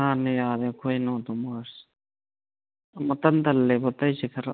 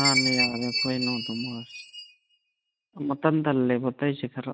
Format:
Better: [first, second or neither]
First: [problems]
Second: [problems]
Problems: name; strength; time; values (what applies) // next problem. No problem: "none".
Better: first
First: none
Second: noise reduction (neural mask model RNNoise)